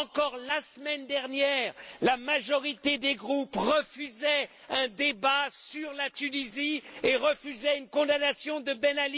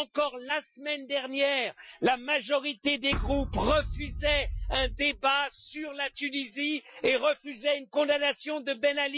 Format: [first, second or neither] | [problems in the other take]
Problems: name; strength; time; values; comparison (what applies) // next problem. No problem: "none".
first | noise reduction (classical method Wiener filter)